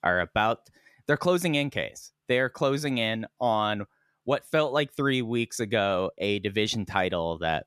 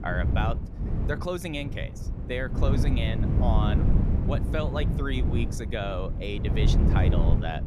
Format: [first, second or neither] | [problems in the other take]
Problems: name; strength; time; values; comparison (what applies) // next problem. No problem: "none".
first | wind noise on the microphone; heavy; 5 dB below the speech